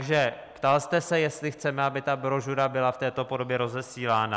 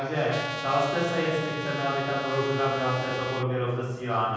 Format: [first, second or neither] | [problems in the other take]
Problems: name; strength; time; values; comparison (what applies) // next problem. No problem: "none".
first | background sound (Trumpet); 8 dB below the speech // room echo; dies away in 1.3 s